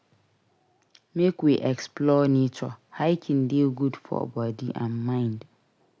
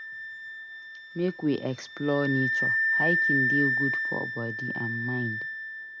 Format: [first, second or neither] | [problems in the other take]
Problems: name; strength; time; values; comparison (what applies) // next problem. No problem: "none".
first | background sound (Wind instrument, woodwind instrument); 2 dB above the speech